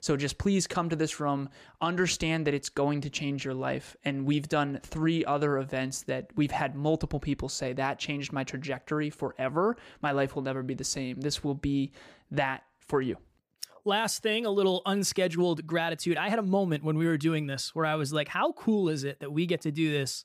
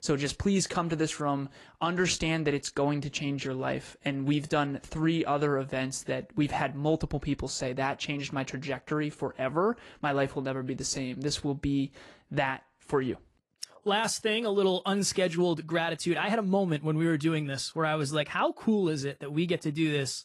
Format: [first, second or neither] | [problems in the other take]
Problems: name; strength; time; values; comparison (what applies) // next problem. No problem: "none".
first | garbled, watery; slightly; nothing above 11 kHz